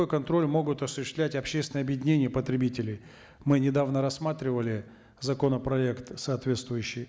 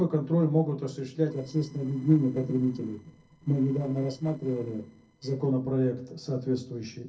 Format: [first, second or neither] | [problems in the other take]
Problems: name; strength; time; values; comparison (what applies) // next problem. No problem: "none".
first | noise reduction (neural separator model SepFormer DNS4)